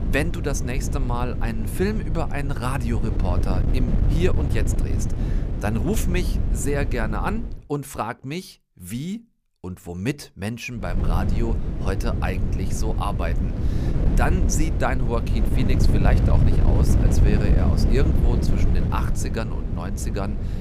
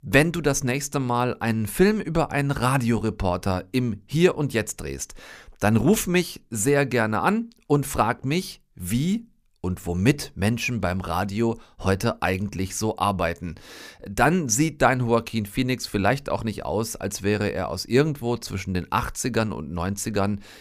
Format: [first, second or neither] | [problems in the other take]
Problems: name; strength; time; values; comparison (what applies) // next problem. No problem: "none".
second | wind noise on the microphone; heavy; until 7.5 s and from 11 s on; 5 dB below the speech